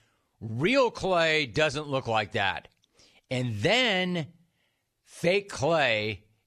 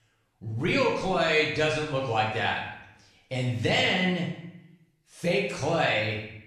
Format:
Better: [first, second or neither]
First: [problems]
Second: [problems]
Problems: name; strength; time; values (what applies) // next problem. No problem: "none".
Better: first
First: none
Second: room echo; noticeable; dies away in 0.7 s // off-mic speech; far